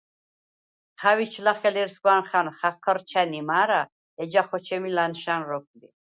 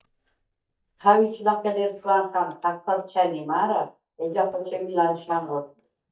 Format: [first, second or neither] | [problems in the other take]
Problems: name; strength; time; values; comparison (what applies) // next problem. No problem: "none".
first | noise reduction (neural mask model DeepFilterNet 3)